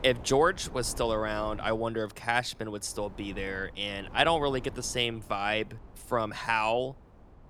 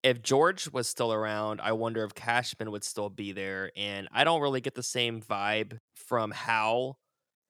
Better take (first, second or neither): second